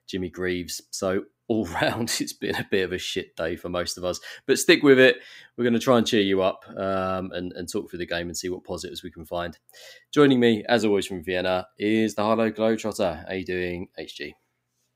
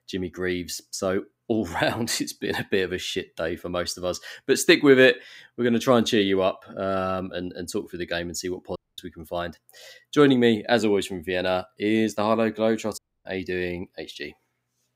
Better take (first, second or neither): first